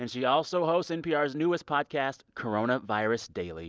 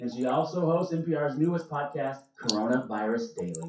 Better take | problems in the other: first | noise reduction (classical method WPE with log-MMSE)

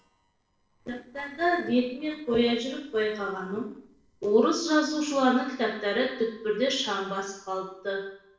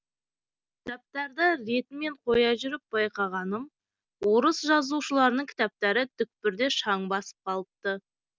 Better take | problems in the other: second | noise reduction (neural separator model SepFormer DNS4)

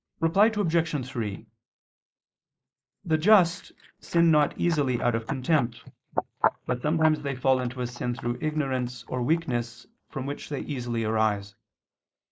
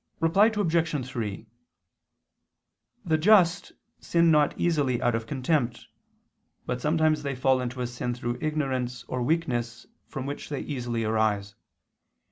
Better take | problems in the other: second | noise reduction (neural mask model Resemble Enhance denoiser)

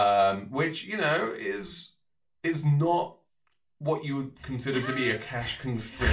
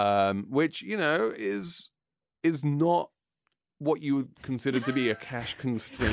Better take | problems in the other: second | room echo; dies away in 0.3 s

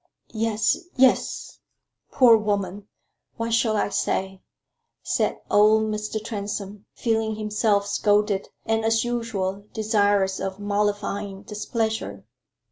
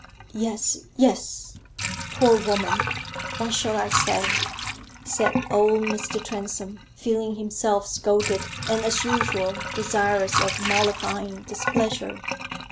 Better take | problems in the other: first | background sound (Sink (filling or washing) / Water); 4 dB below the speech

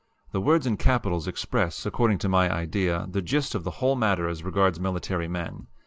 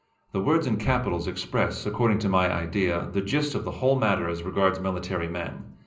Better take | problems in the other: first | room echo; dies away in 0.5 s

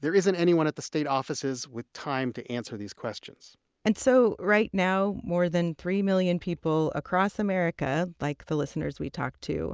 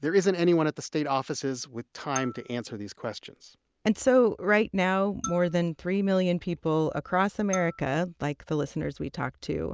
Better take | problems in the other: first | background sound (Marimba, xylophone); 18 dB below the speech

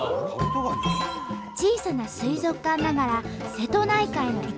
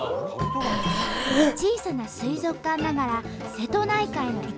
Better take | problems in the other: first | background sound (Breathing); 2 dB above the speech

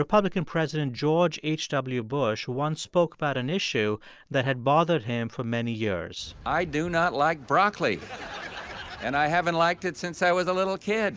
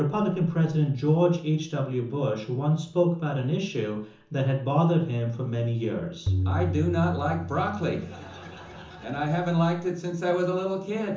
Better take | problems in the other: first | background sound (Tabla); 6 dB below the speech // room echo; dies away in 0.7 s

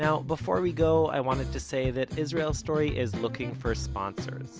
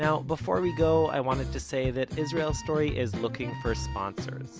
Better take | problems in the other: first | background sound (Wind instrument, woodwind instrument); 20 dB below the speech

